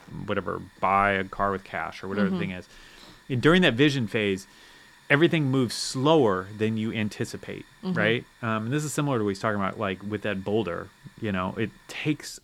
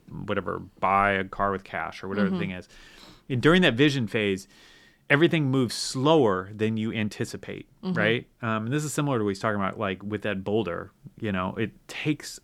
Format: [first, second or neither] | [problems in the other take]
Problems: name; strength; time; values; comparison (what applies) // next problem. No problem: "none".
second | hiss; faint; throughout; 30 dB below the speech